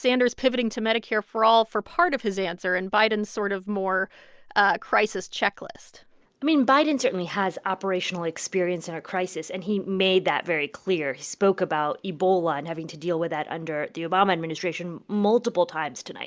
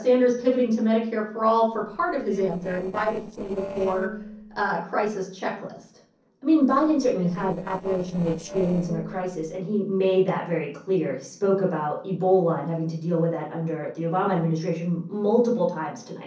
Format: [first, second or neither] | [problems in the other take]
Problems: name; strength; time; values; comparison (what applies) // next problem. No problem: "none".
first | noise reduction (neural separator model SepFormer DNS4)